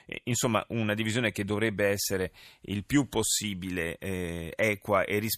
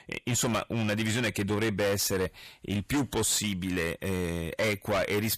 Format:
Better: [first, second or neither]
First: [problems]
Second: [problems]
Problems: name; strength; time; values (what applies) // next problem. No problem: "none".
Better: first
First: none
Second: distortion; heavy; 16% of the sound clipped